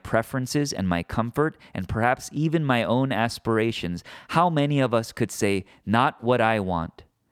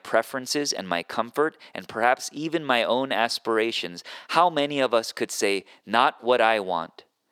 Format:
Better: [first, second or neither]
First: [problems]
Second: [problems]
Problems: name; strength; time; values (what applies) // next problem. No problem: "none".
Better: first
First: none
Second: thin; somewhat; fading below 450 Hz